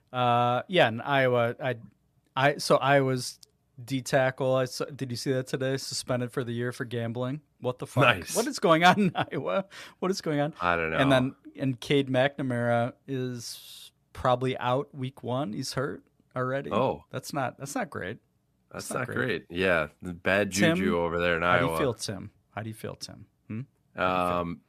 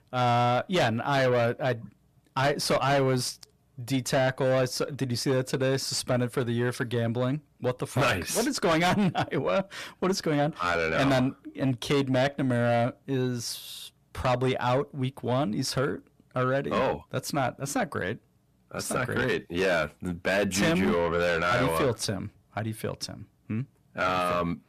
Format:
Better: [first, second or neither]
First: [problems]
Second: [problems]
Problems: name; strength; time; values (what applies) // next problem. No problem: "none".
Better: first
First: none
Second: distortion; heavy; 6 dB below the speech